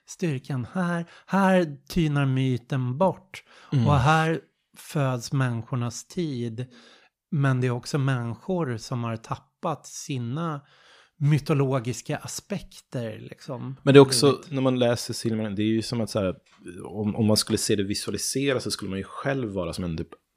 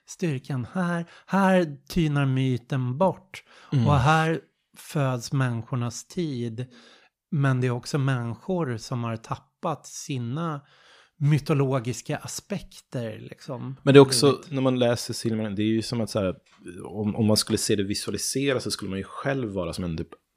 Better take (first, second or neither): neither